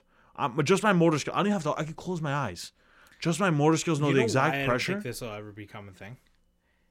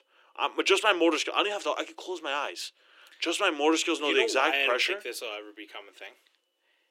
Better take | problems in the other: first | thin; very; fading below 300 Hz

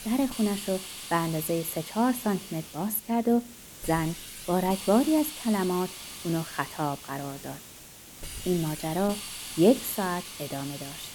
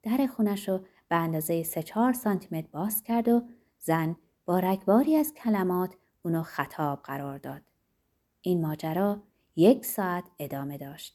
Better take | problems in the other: second | hiss; noticeable; throughout; 10 dB below the speech

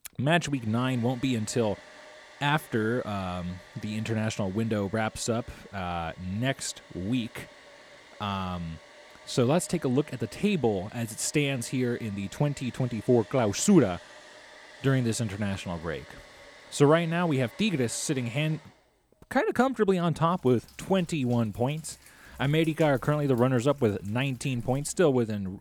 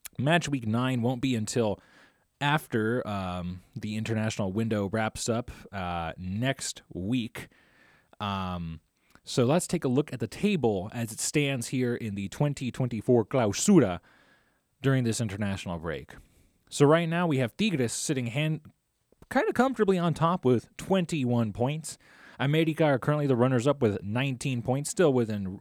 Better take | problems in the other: second | household noises; faint; throughout; 20 dB below the speech

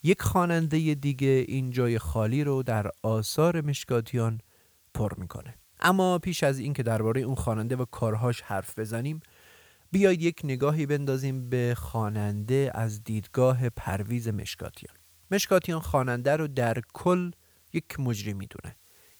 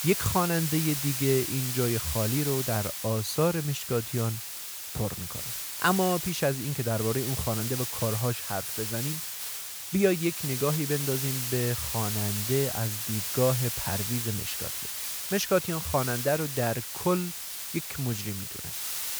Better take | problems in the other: first | hiss; loud; throughout; 1 dB below the speech; faint in the first

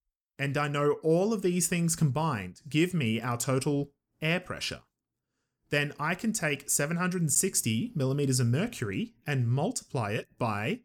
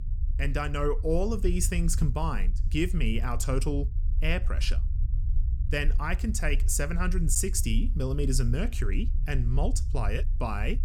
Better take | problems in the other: first | low rumble; noticeable; throughout; 20 dB below the speech

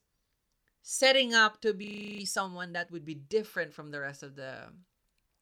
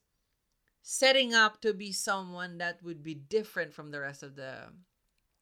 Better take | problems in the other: second | audio freezing; at 2 s

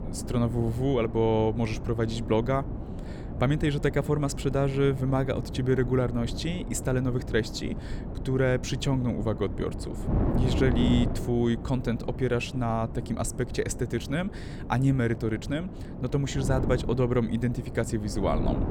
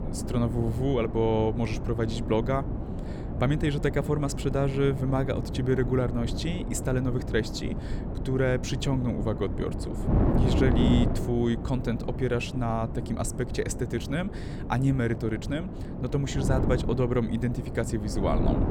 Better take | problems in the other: first | wind noise on the microphone; heavy; 7 dB below the speech; occasional gusts in the first

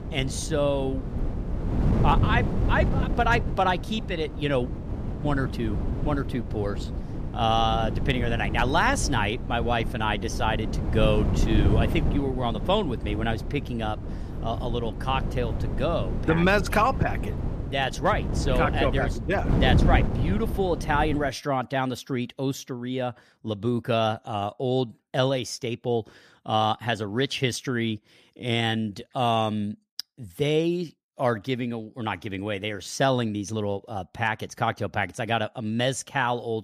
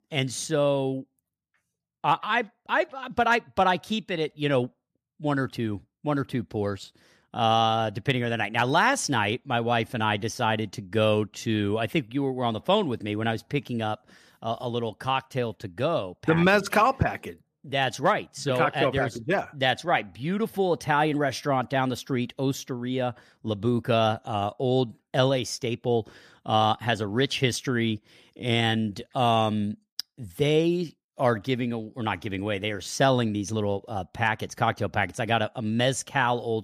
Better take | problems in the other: second | wind noise on the microphone; occasional gusts; until 21 s; 10 dB below the speech

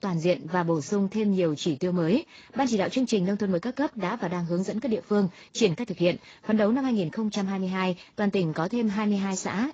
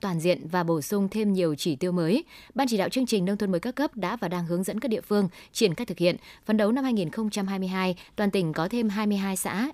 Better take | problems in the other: second | garbled, watery; badly; nothing above 7.5 kHz

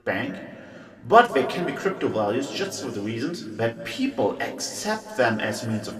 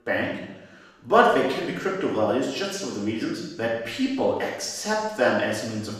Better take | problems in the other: first | room echo; strong; dies away in 0.9 s; slight in the first // off-mic speech; far; somewhat distant in the first

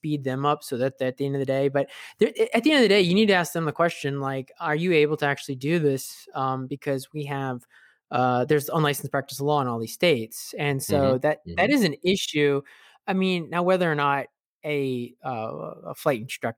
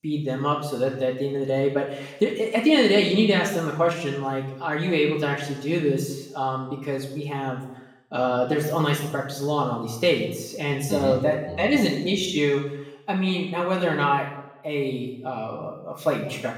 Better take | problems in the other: first | room echo; noticeable; dies away in 0.8 s // off-mic speech; far

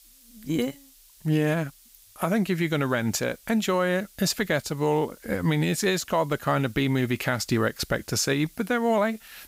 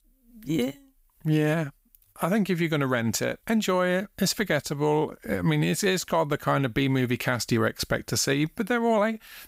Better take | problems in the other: second | hiss; faint; throughout; 25 dB below the speech

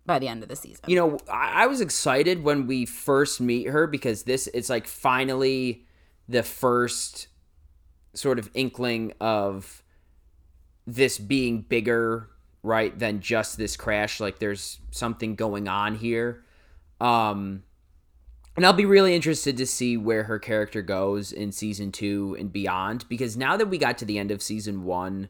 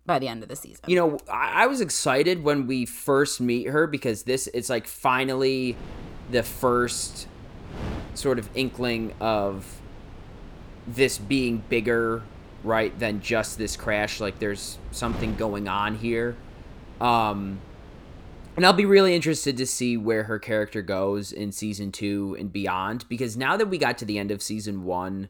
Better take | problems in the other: first | wind noise on the microphone; occasional gusts; from 6 to 19 s; 20 dB below the speech

